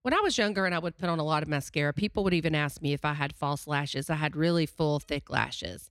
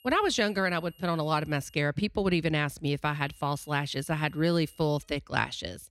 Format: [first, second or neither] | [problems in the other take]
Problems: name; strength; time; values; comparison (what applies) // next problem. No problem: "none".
first | high-pitched whine; faint; until 1.5 s and from 3 to 5 s; 3 kHz, 30 dB below the speech